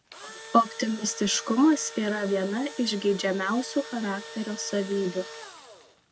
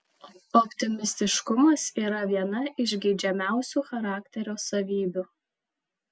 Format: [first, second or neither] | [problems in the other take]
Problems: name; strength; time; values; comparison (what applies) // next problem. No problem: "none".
second | background sound (Engine / Drill); 15 dB below the speech